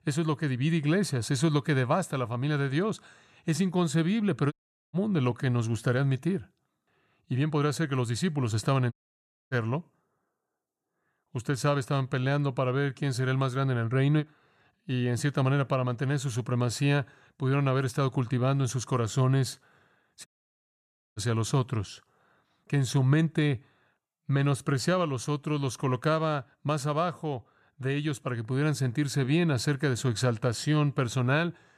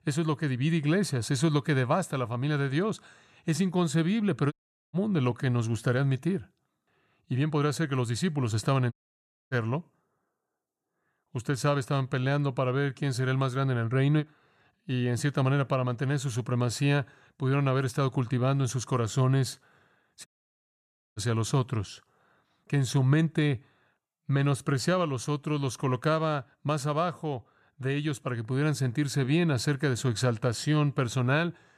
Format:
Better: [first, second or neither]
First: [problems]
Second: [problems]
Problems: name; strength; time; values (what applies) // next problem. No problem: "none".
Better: neither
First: audio cutting out; at 4.5 s, at 9 s for 0.5 s and at 20 s for 1 s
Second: audio cutting out; at 4.5 s, at 9 s for 0.5 s and at 20 s for 1 s